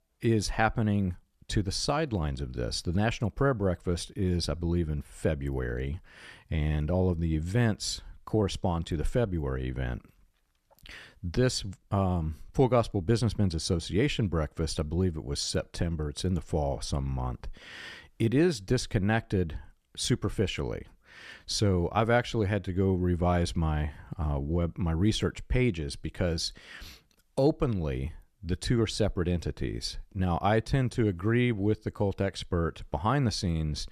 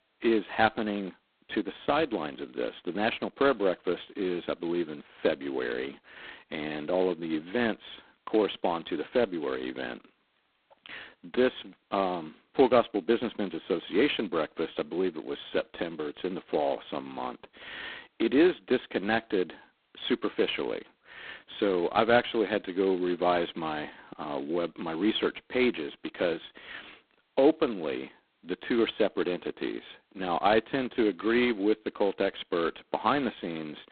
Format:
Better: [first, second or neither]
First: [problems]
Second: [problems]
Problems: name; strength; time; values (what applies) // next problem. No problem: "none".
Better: first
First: none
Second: phone-call audio; poor line; nothing above 4 kHz